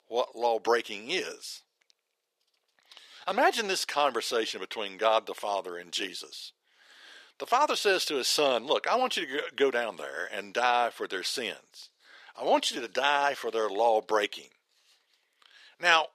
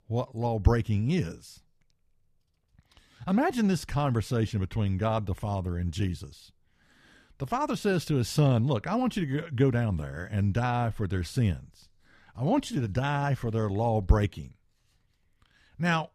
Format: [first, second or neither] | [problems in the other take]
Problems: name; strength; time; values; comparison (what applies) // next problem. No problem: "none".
second | thin; very; fading below 400 Hz